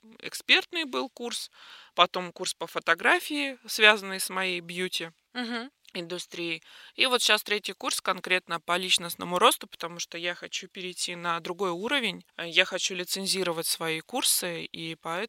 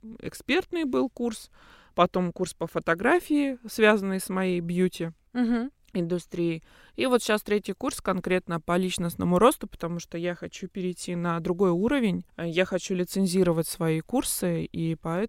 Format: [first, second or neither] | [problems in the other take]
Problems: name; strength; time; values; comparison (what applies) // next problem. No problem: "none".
second | thin; somewhat; fading below 1 kHz